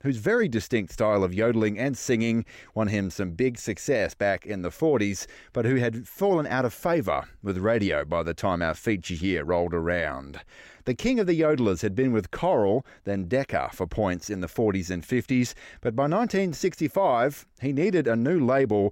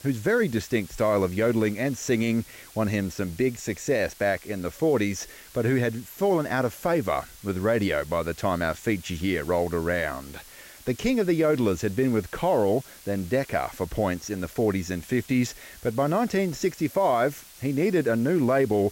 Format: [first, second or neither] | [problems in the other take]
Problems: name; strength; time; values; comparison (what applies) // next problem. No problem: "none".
first | hiss; faint; throughout; 20 dB below the speech